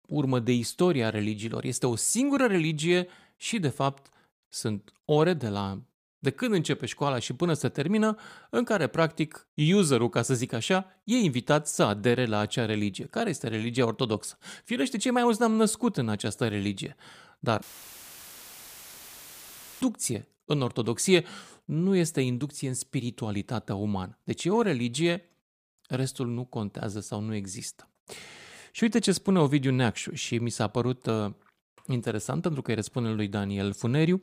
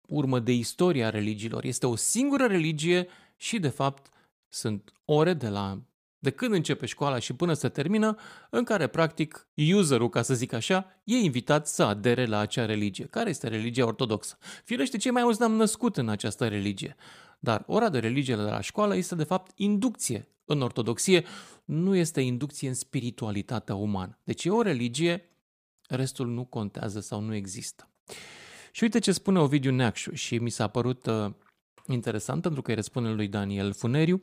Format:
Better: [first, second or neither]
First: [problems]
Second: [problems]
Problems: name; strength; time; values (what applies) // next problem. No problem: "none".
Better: second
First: audio cutting out; filled with static; at 18 s for 2 s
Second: none